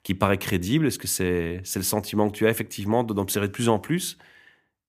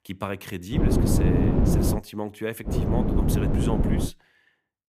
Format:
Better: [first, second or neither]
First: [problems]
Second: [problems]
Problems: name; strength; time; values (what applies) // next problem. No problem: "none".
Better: first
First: none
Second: wind noise on the microphone; faint; from 1 to 2 s and from 2.5 to 4 s; 4 dB above the speech